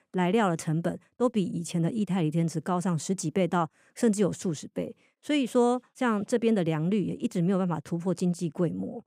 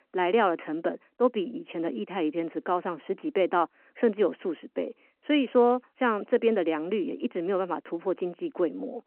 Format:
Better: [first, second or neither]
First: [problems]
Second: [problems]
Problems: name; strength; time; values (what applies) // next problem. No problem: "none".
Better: first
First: none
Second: phone-call audio